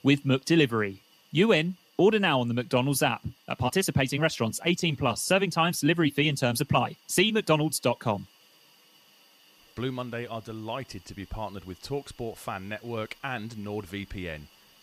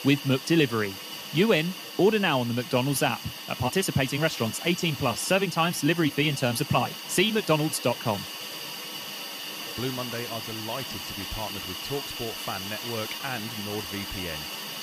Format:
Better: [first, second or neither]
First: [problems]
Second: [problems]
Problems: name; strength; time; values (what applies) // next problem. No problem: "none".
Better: first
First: hiss; faint; throughout; 30 dB below the speech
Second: hiss; loud; throughout; 8 dB below the speech